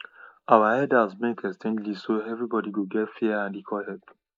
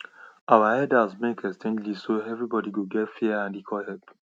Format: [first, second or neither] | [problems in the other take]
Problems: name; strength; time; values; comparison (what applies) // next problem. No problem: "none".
second | noise reduction (neural mask model Resemble Enhance denoiser)